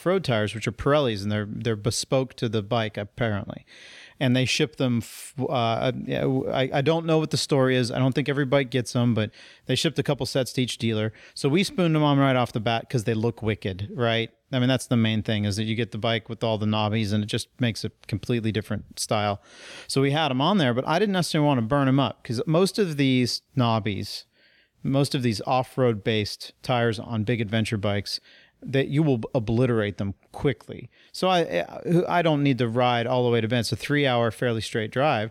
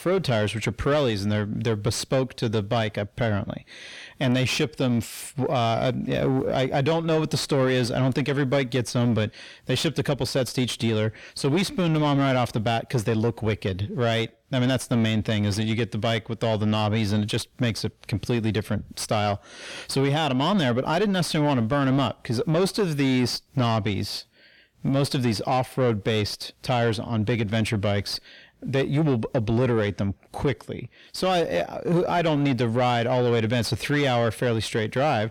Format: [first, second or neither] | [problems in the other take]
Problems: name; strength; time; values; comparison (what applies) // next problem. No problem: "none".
first | distortion; slight; 10 dB below the speech